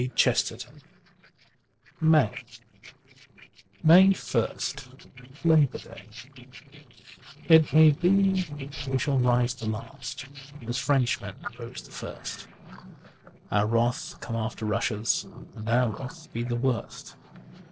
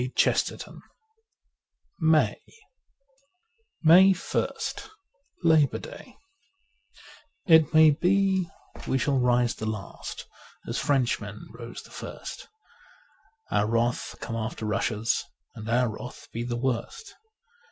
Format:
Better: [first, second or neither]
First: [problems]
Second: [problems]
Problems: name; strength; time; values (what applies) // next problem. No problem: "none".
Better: second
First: noise reduction (neural separator model SepFormer DNS4)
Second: none